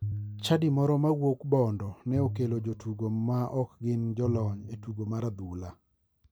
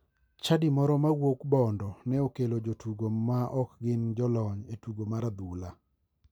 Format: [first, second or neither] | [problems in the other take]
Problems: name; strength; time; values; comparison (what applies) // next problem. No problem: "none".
second | background sound (Piano); 11 dB below the speech